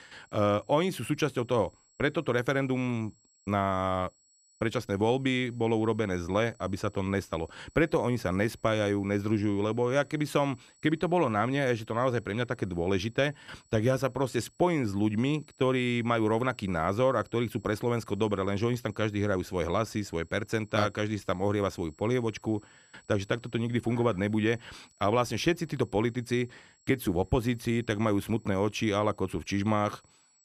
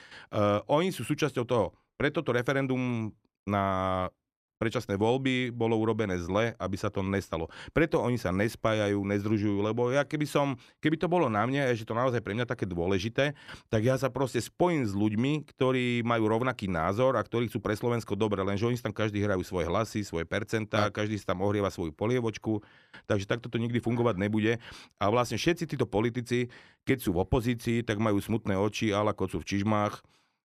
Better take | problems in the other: second | high-pitched whine; faint; throughout; 8 kHz, 30 dB below the speech

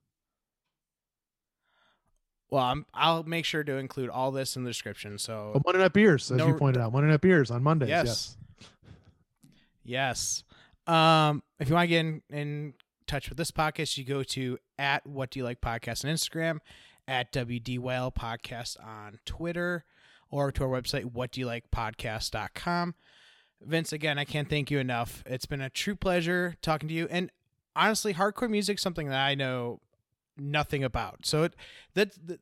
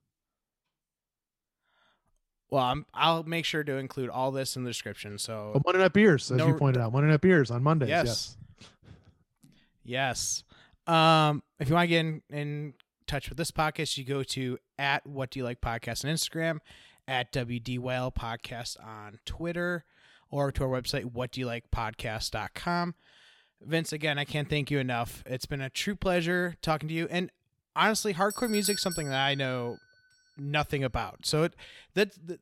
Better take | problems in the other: first | doorbell; noticeable; at 28 s; peak 3 dB below the speech

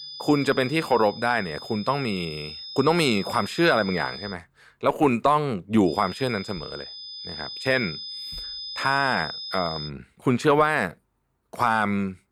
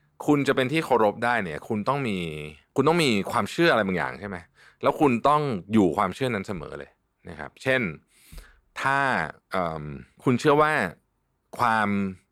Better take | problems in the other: second | high-pitched whine; noticeable; until 4.5 s and from 6 to 10 s; 5 kHz, 10 dB below the speech

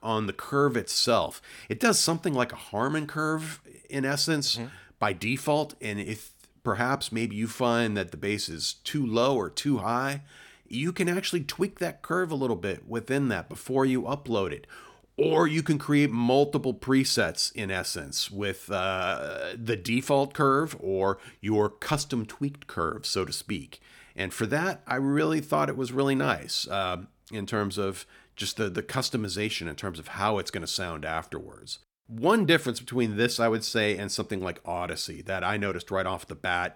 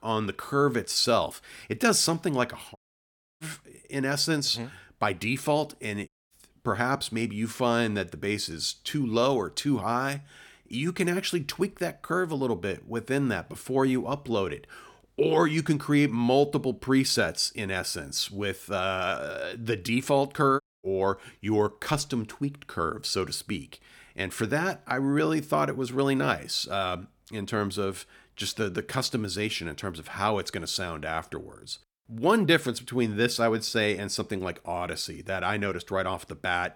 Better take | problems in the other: first | audio cutting out; at 3 s for 0.5 s, at 6 s and at 21 s

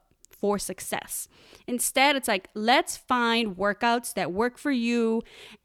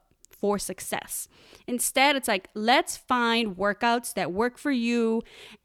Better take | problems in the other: neither | none

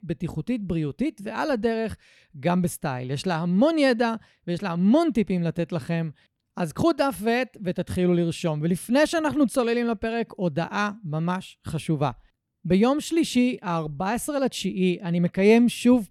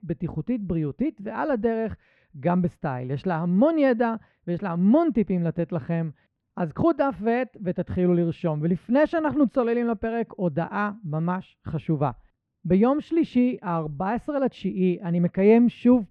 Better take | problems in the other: first | muffled; very; fading above 1.5 kHz

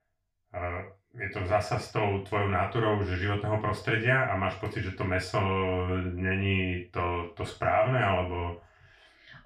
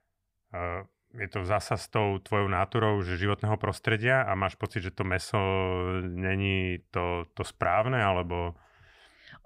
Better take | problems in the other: second | room echo; noticeable; dies away in 0.3 s // off-mic speech; far

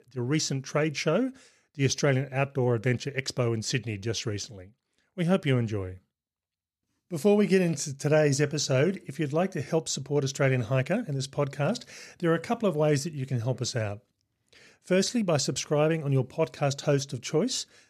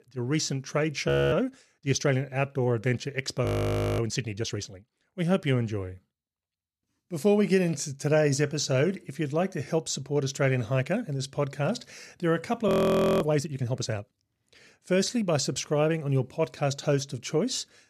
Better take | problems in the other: first | audio freezing; at 1 s, at 3.5 s for 0.5 s and at 13 s for 0.5 s

